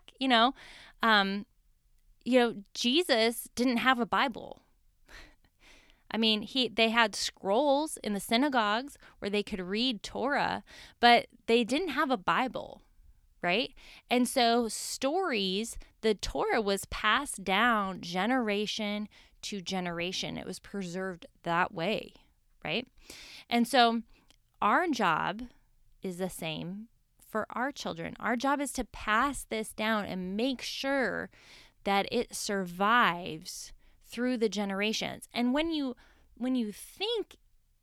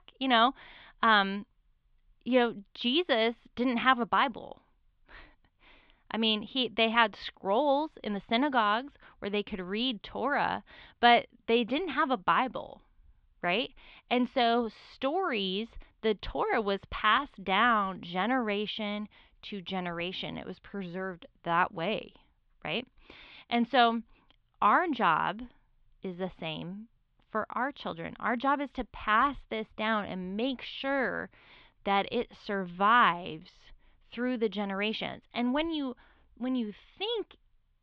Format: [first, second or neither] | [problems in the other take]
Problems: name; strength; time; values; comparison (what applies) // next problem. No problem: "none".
first | muffled; slightly; fading above 3.5 kHz